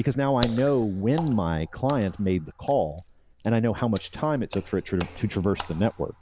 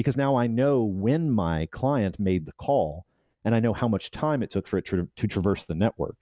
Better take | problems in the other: second | background sound (Water / Splash, splatter); 15 dB below the speech

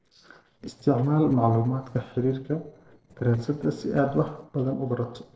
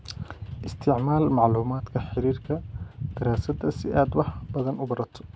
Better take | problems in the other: second | noise reduction (neural separator model SepFormer DNS4)

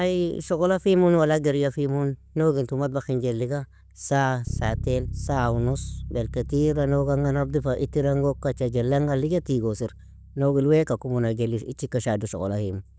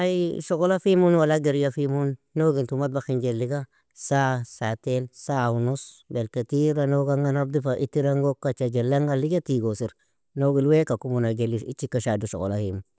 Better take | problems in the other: second | background sound (Bass guitar); 14 dB below the speech

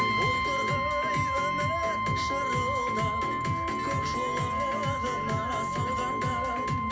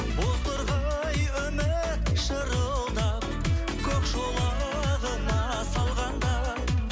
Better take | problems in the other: second | background sound (Brass instrument); 3 dB above the speech // room echo; dies away in 0.3 s

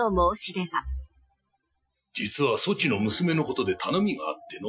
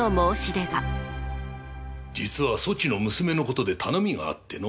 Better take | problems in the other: second | noise reduction (classical method Wiener filter)

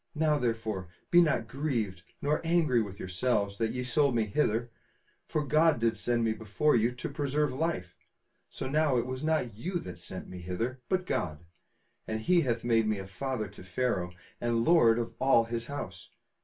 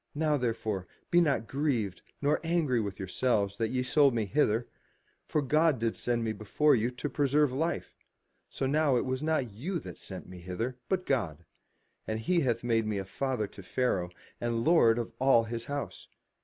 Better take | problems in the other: second | room echo; dies away in 0.2 s

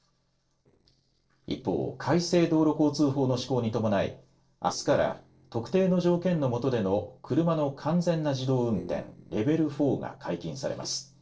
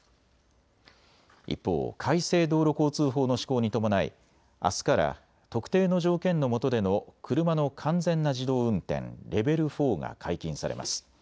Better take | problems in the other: second | noise reduction (neural separator model SepFormer DNS4)

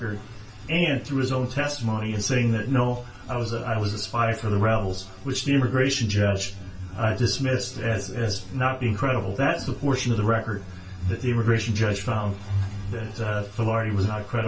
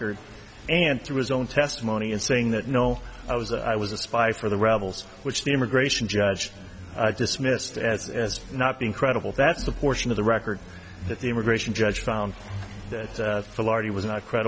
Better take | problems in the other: second | room echo; dies away in 0.2 s

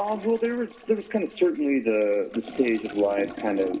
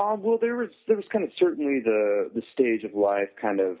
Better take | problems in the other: second | background sound (Toilet flush); 15 dB below the speech // room echo; dies away in 1.6 s

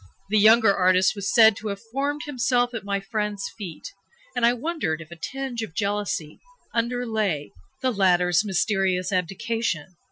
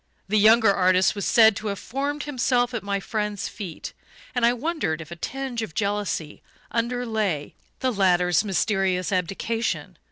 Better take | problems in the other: second | noise reduction (classical method Wiener filter)

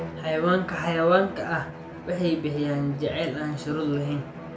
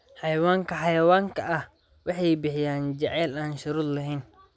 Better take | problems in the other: second | background sound (Bowed string instrument); 12 dB below the speech // room echo; dies away in 0.4 s

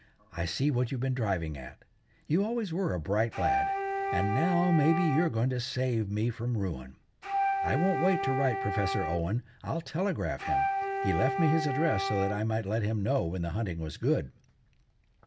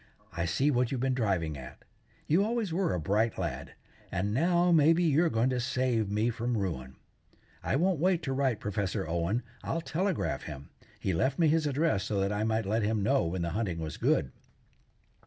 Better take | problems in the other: second | background sound (Wind instrument, woodwind instrument); 2 dB below the speech

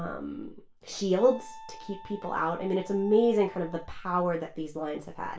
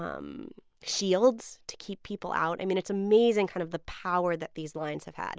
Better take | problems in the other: second | background sound (Wind instrument, woodwind instrument); 20 dB below the speech // room echo; dies away in 0.3 s

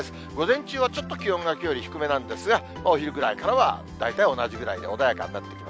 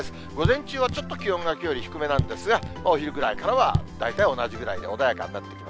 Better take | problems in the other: first | background sound (Raindrop / Drip); 6 dB below the speech

